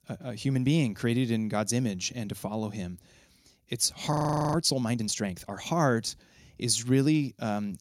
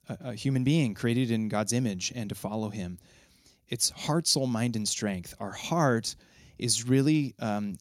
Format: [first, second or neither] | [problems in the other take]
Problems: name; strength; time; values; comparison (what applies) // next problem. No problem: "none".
second | audio freezing; at 4 s